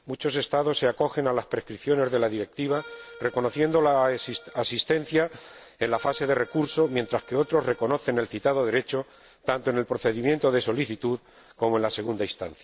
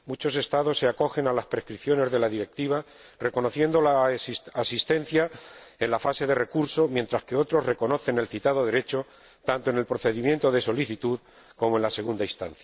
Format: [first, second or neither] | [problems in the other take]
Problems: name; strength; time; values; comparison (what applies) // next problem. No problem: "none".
second | background sound (Accordion); 20 dB below the speech